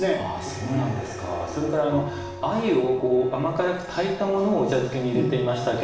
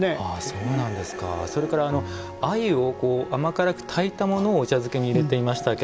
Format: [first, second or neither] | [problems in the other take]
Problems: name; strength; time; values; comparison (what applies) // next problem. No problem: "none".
second | room echo; dies away in 0.7 s